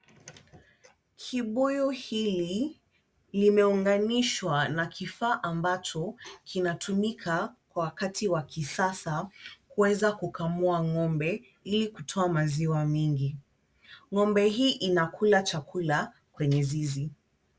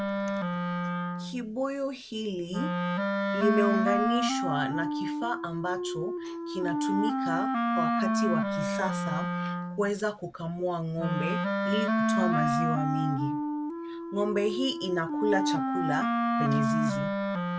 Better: first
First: none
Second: background sound (Wind instrument, woodwind instrument); 3 dB above the speech

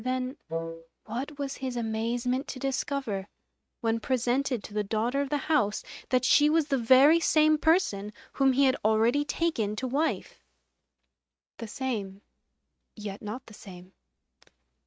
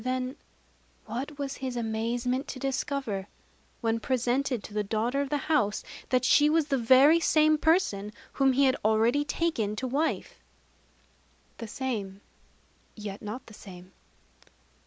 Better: second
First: noise reduction (neural mask model RNNoise)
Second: none

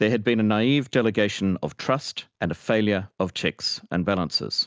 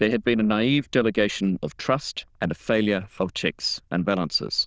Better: first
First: none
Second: noise reduction (neural diffusion model UNIVERSE++)

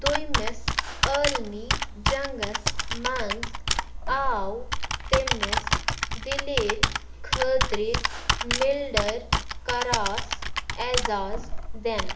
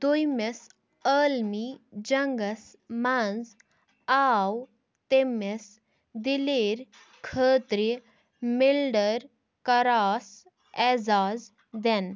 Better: second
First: background sound (Computer keyboard); 3 dB above the speech // room echo; dies away in 0.6 s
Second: none

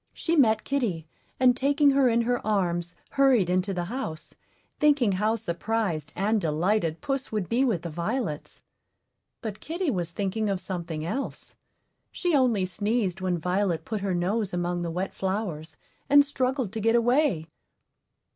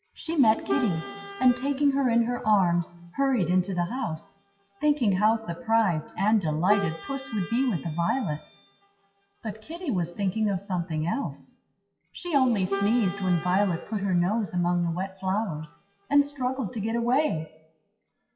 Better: first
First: none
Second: noise reduction (classical method WPE with log-MMSE)

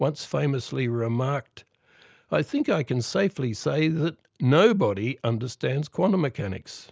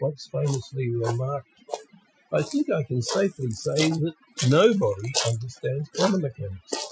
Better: first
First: none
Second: noise reduction (classical method Wiener filter)

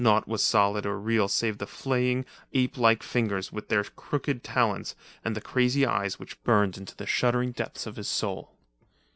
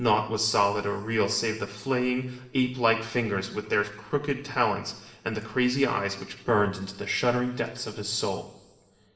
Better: first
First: none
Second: room echo; dies away in 1.4 s

